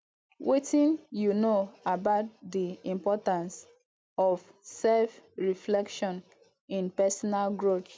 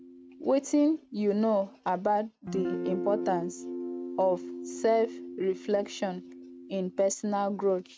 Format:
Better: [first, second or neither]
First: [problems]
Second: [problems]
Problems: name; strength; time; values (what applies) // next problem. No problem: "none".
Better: first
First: none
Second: noise reduction (neural mask model RNNoise)